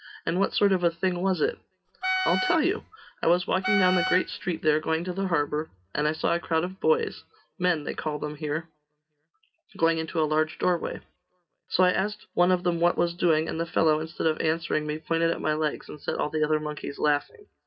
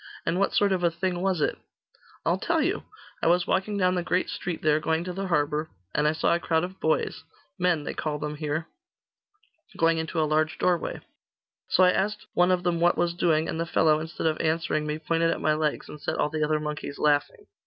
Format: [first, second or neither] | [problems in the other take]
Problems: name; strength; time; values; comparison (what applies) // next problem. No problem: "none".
second | background sound (Wind instrument, woodwind instrument); 4 dB below the speech // room echo; dies away in 0.3 s